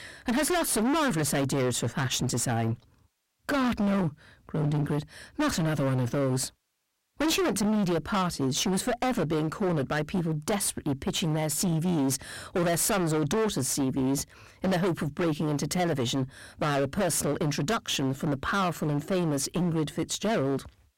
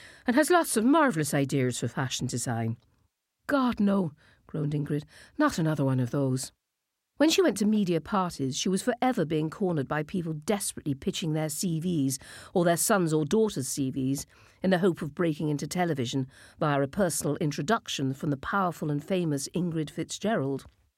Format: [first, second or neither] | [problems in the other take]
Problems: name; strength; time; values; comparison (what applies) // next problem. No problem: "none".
second | distortion; heavy; 26% of the sound clipped